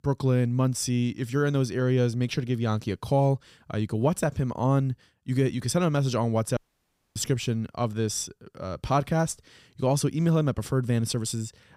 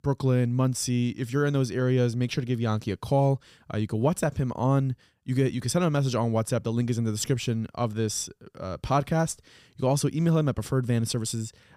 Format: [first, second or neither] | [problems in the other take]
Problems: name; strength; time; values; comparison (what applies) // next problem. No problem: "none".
second | audio cutting out; at 6.5 s for 0.5 s